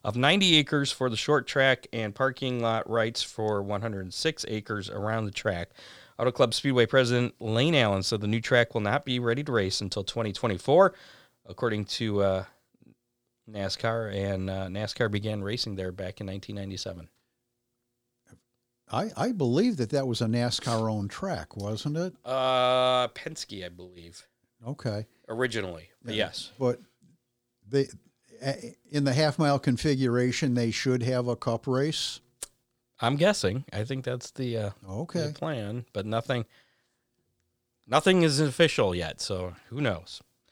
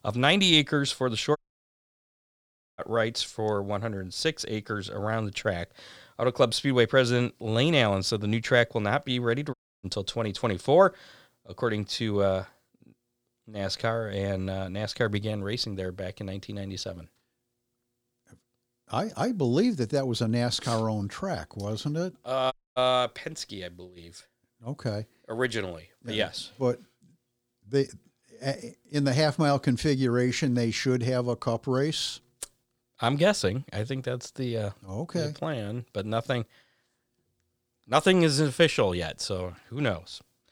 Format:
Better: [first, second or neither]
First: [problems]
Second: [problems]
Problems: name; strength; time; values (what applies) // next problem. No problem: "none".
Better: first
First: none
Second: audio cutting out; at 1.5 s for 1.5 s, at 9.5 s and at 23 s